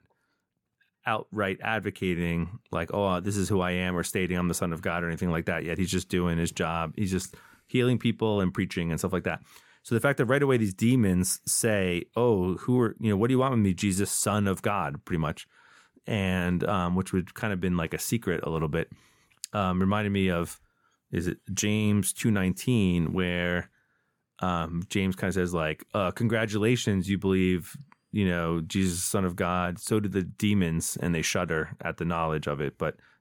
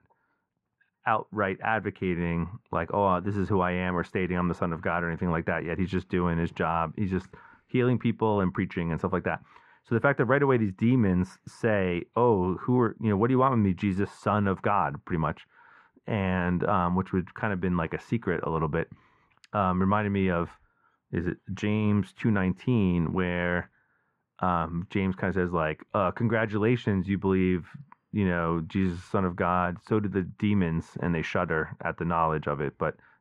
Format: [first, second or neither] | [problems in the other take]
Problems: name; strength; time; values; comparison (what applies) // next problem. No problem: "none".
first | muffled; very; fading above 2 kHz